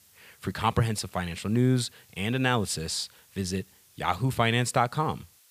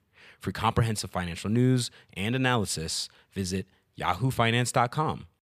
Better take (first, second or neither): second